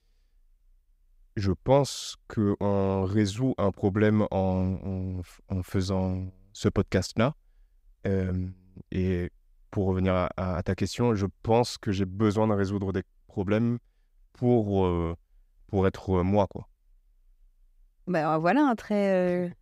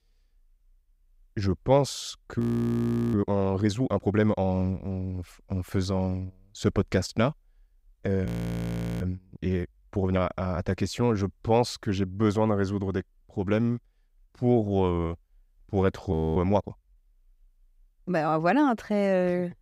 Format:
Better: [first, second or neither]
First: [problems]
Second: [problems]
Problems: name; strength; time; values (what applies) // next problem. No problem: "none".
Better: first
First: none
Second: audio freezing; at 2.5 s for 0.5 s, at 8.5 s for 1 s and at 16 s